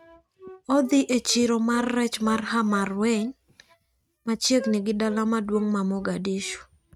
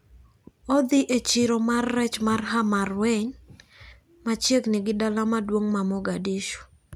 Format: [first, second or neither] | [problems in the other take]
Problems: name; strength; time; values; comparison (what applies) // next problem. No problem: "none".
second | noise reduction (neural mask model RNNoise)